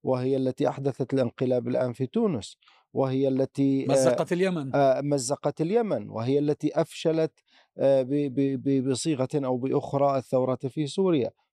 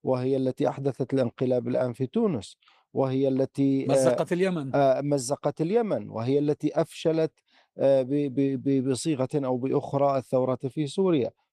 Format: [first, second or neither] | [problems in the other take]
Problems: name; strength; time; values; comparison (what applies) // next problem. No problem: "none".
first | garbled, watery; slightly